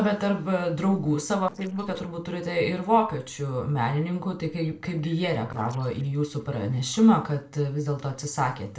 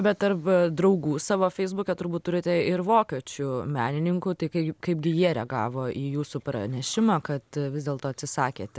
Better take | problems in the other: second | noise reduction (neural separator model SepFormer DNS4)

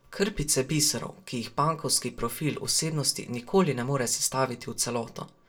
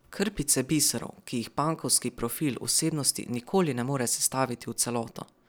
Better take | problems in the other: second | room echo; dies away in 0.2 s

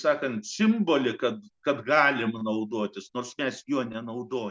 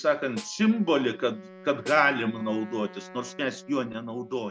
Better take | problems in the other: first | background sound (Snare drum + Wind instrument, woodwind instrument); 18 dB below the speech

